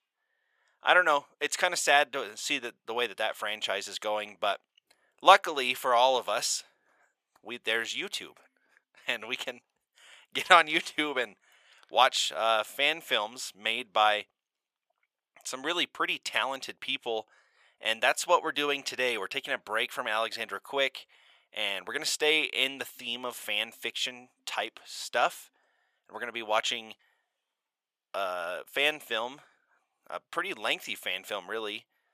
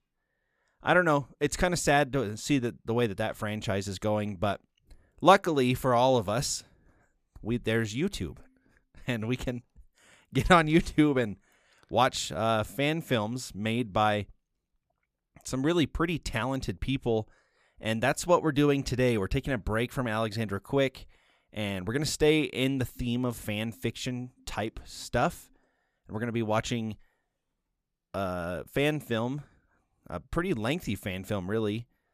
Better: second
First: thin; very; fading below 750 Hz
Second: none

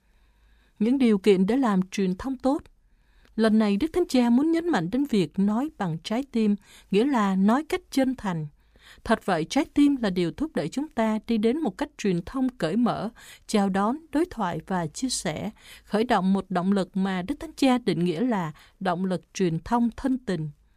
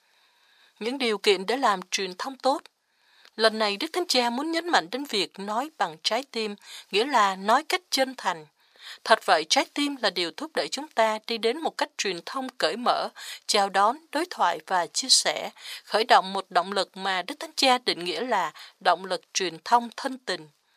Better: first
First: none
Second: thin; very; fading below 700 Hz

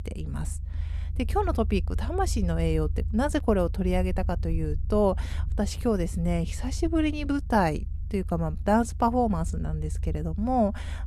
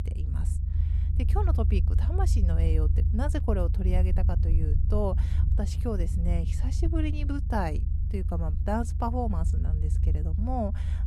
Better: first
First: low rumble; faint; throughout; 20 dB below the speech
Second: low rumble; loud; throughout; 9 dB below the speech

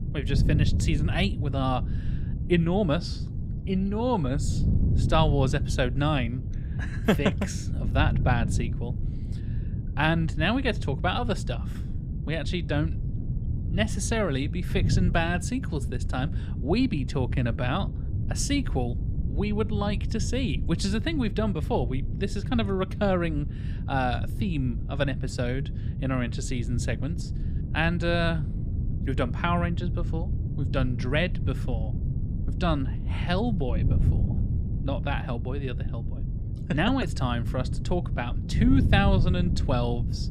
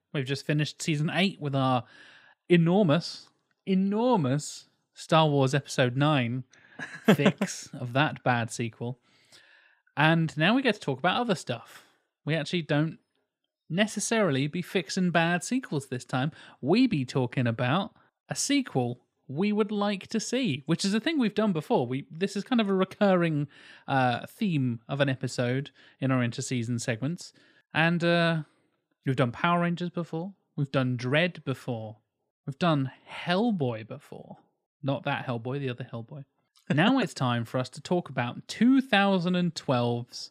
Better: second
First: wind noise on the microphone; occasional gusts; 10 dB below the speech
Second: none

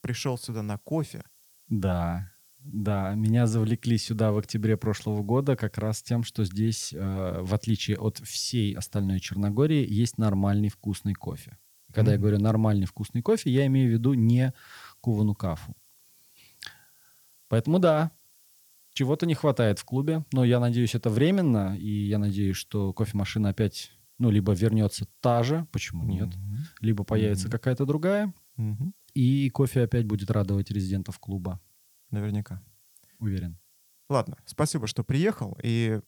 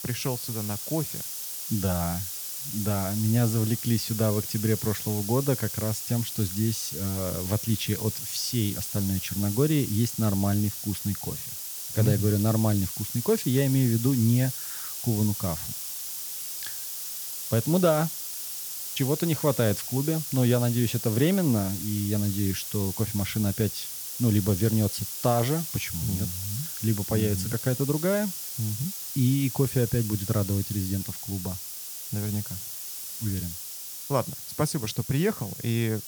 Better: first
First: hiss; faint; throughout; 30 dB below the speech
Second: hiss; loud; throughout; 5 dB below the speech

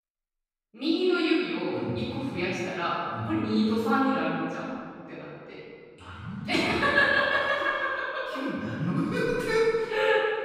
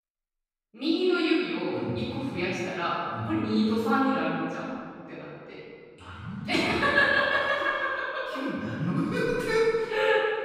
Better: neither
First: room echo; strong; dies away in 1.9 s // off-mic speech; far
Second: room echo; strong; dies away in 1.9 s // off-mic speech; far

